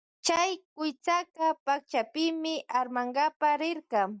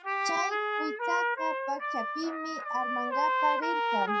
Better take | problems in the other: first | noise reduction (classical method WPE with log-MMSE)

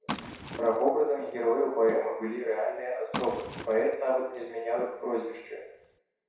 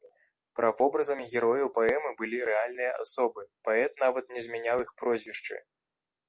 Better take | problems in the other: second | background sound (Liquid); 14 dB below the speech // room echo; dies away in 0.7 s

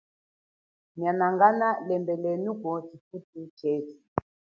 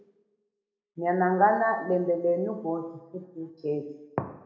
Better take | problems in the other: first | room echo; dies away in 0.9 s

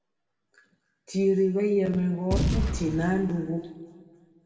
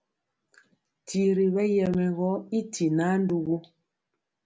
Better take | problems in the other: second | background sound (Boom); 2 dB below the speech // room echo; dies away in 1.9 s

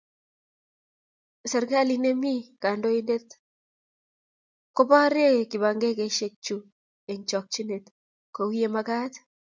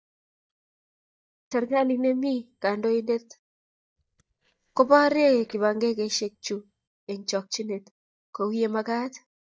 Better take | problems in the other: first | noise reduction (neural mask model DeepFilterNet 3)

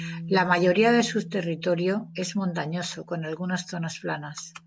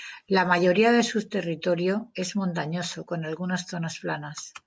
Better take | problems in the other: second | background sound (Bass guitar); 15 dB below the speech

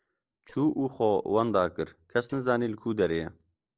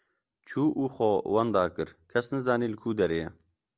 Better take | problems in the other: second | noise reduction (neural separator model SepFormer DNS4)

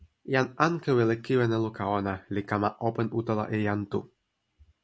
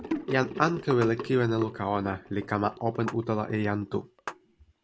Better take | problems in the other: first | background sound (Sink (filling or washing) / Gurgling + Clapping); 11 dB below the speech

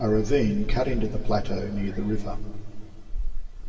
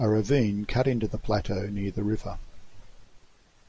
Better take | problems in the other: second | background sound (Meow / Purr); 4 dB below the speech // room echo; dies away in 1.8 s

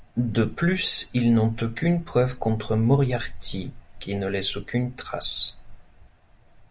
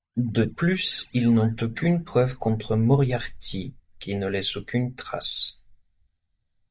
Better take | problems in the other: first | noise reduction (neural mask model DeepFilterNet 3)

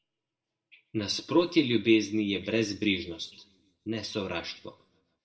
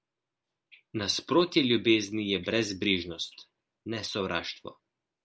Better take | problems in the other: second | room echo; dies away in 0.6 s

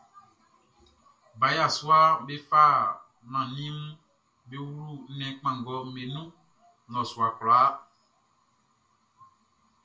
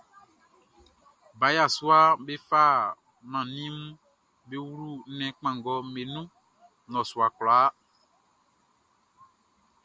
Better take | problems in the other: second | room echo; dies away in 0.3 s

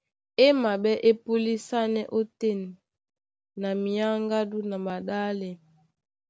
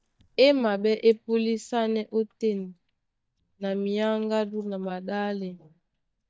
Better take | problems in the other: first | noise reduction (neural mask model DeepFilterNet 3)

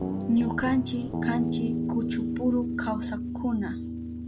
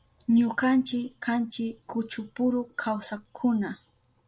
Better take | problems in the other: second | background sound (Guitar); 1 dB below the speech

